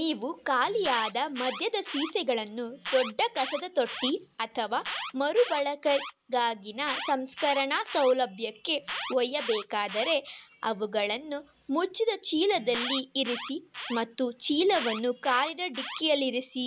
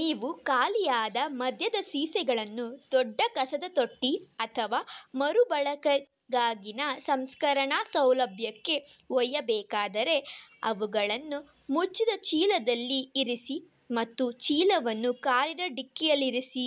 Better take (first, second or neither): second